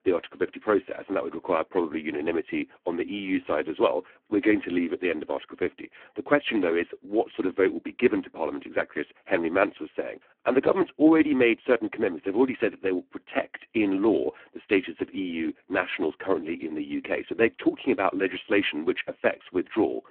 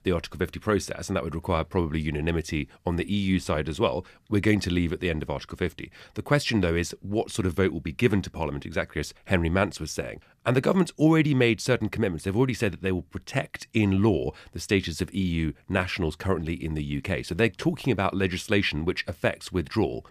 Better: second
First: phone-call audio; poor line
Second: none

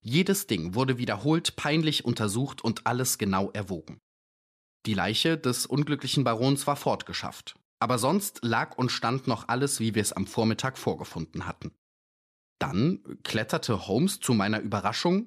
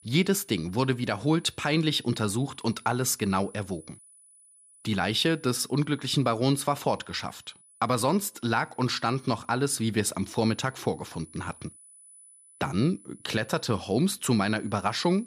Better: first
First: none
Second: high-pitched whine; faint; throughout; 10 kHz, 25 dB below the speech

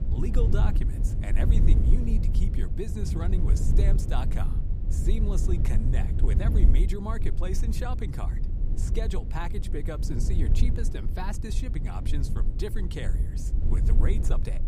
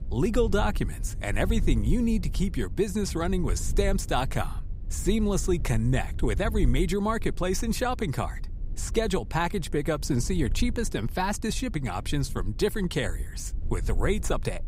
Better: second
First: low rumble; loud; throughout; 4 dB below the speech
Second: low rumble; faint; throughout; 20 dB below the speech

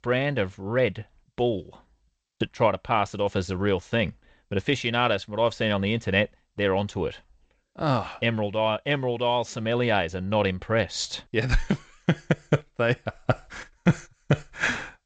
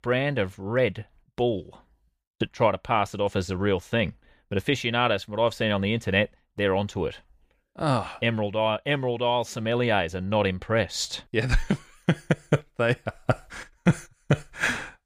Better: second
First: garbled, watery; slightly; nothing above 7.5 kHz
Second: none

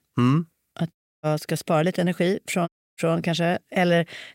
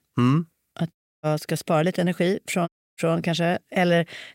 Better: neither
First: audio cutting out; at 1 s and at 2.5 s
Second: audio cutting out; at 1 s and at 2.5 s

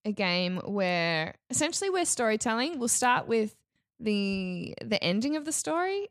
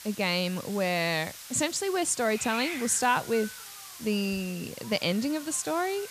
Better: first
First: none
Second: hiss; noticeable; throughout; 10 dB below the speech

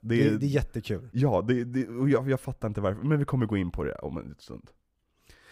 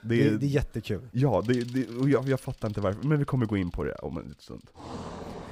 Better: first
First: none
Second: traffic noise; noticeable; throughout; 15 dB below the speech

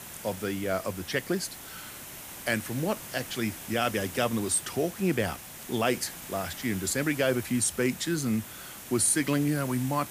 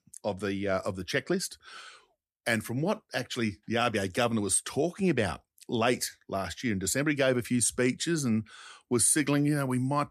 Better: second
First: hiss; noticeable; throughout; 10 dB below the speech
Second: none

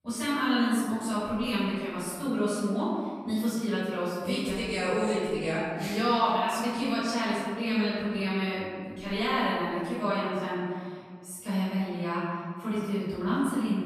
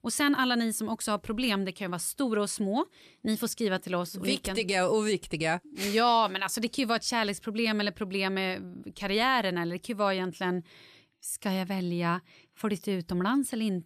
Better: second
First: room echo; strong; dies away in 1.8 s // off-mic speech; far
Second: none

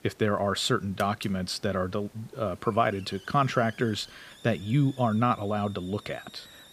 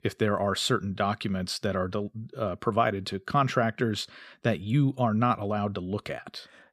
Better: second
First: hiss; faint; throughout; 20 dB below the speech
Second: none

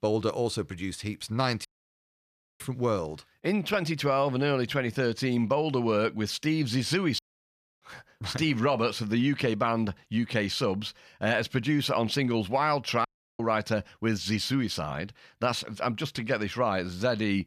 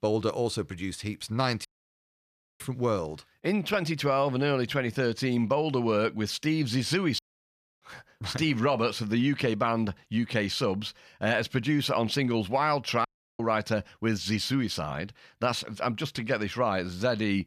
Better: neither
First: audio cutting out; at 1.5 s for 1 s, at 7 s for 0.5 s and at 13 s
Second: audio cutting out; at 1.5 s for 1 s, at 7 s for 0.5 s and at 13 s

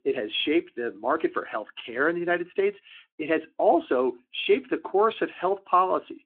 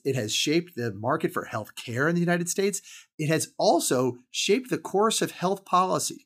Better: second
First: phone-call audio; nothing above 3.5 kHz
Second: none

